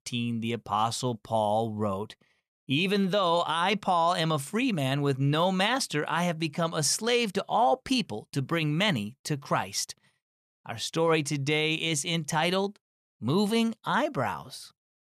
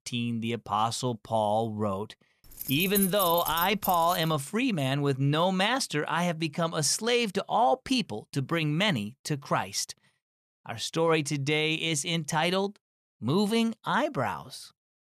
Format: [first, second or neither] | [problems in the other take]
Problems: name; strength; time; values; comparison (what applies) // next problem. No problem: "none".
first | jangling keys; noticeable; from 2.5 to 4 s; peak 1 dB below the speech